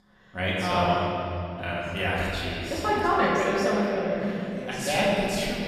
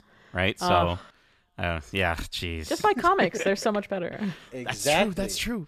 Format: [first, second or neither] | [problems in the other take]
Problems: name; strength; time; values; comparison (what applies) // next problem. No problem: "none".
second | off-mic speech; far // room echo; strong; dies away in 2.6 s